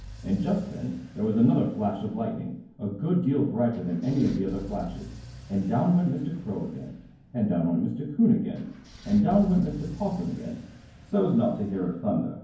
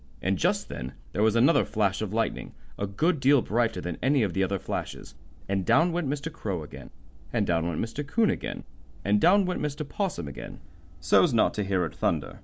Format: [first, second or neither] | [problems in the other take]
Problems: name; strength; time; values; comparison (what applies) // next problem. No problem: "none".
second | background sound (Engine / Car); 19 dB below the speech // room echo; dies away in 0.9 s